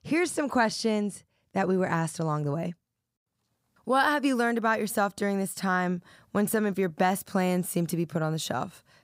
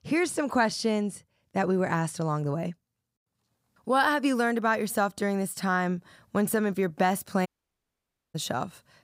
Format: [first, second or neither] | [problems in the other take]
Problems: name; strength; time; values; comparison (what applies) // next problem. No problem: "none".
first | audio cutting out; at 7.5 s for 1 s